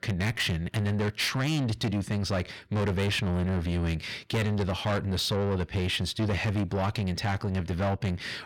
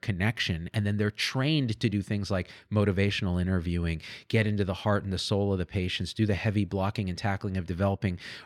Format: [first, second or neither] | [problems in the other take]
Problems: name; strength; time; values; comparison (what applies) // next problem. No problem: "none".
second | distortion; heavy; 7 dB below the speech